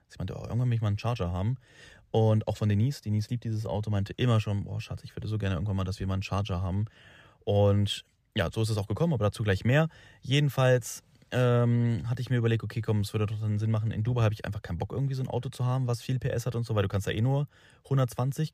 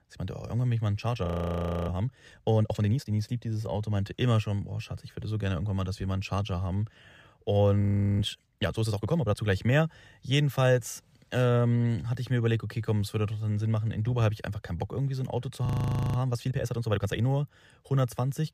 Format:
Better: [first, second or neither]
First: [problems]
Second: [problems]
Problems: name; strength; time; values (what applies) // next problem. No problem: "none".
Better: first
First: none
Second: audio freezing; at 1.5 s for 0.5 s, at 8 s and at 16 s for 0.5 s